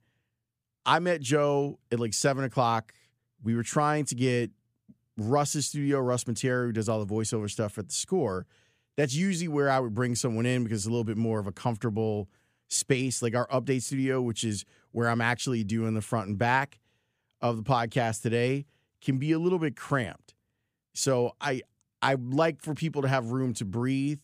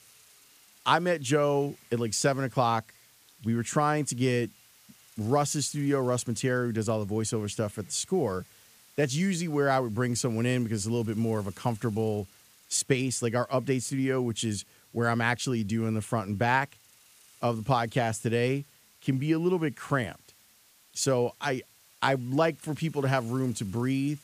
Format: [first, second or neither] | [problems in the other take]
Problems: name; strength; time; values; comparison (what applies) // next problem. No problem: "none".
first | hiss; faint; throughout; 25 dB below the speech